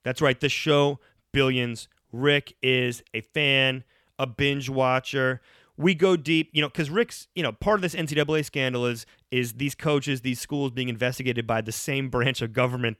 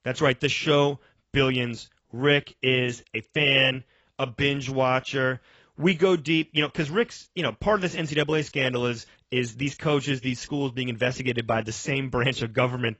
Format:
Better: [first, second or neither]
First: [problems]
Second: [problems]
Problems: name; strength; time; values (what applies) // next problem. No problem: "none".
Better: first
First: none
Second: garbled, watery; badly; nothing above 7.5 kHz